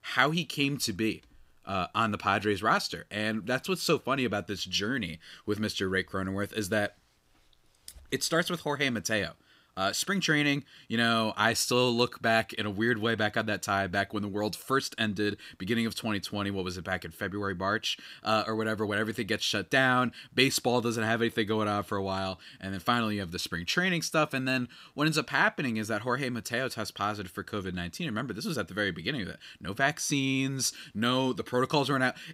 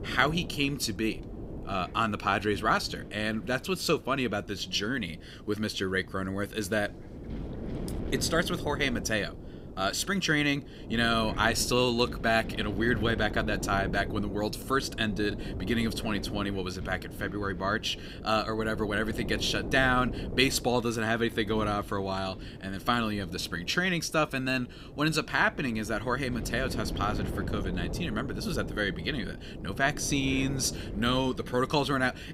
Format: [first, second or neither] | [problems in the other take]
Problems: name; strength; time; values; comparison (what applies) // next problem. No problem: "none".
first | wind noise on the microphone; occasional gusts; 15 dB below the speech